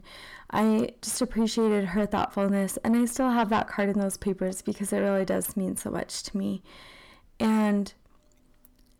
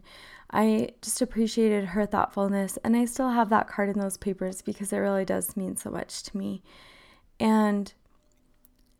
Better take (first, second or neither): second